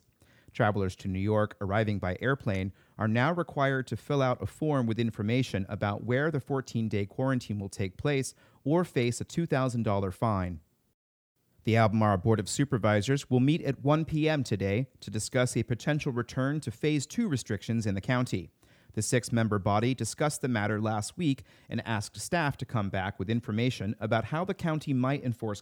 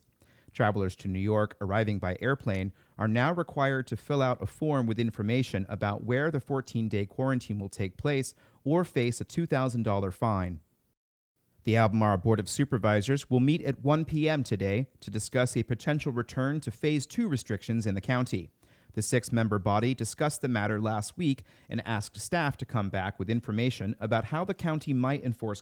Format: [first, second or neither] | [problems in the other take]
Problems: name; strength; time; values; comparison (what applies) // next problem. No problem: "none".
first | garbled, watery; slightly; nothing above 19 kHz